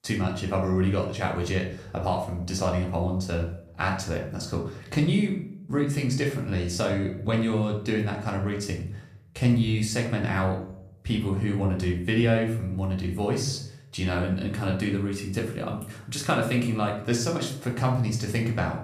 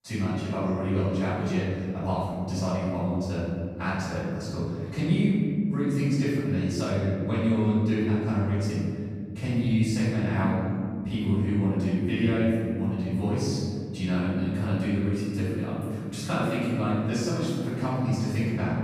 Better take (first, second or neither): first